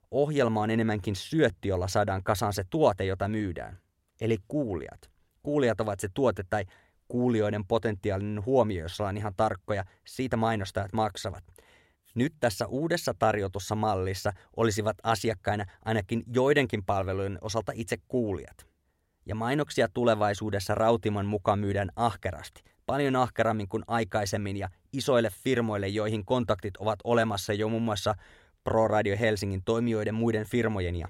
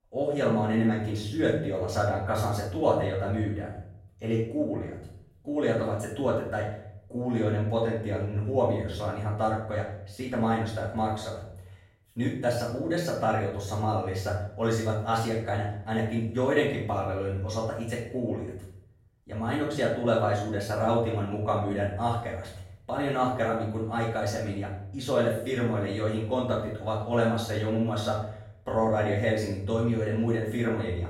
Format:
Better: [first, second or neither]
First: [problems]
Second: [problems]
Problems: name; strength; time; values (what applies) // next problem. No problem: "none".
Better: first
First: none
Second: room echo; noticeable; dies away in 0.7 s // off-mic speech; far